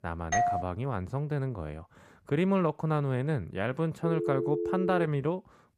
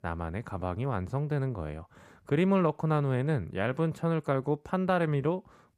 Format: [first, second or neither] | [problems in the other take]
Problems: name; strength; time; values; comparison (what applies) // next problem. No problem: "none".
second | doorbell; loud; at 0.5 s; peak 3 dB above the speech // phone ringing; noticeable; from 4 to 5 s; peak 1 dB below the speech